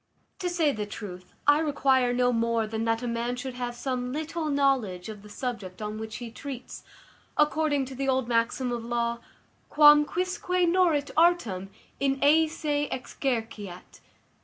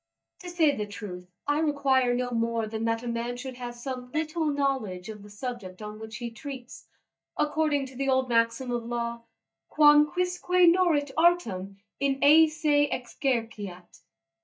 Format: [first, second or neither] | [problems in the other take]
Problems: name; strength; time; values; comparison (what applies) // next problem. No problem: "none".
first | noise reduction (neural mask model DeepFilterNet 3)